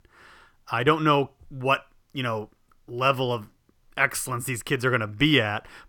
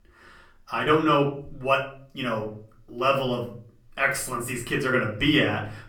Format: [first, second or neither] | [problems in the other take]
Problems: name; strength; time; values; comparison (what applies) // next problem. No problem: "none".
first | off-mic speech; far // room echo; slight; dies away in 0.4 s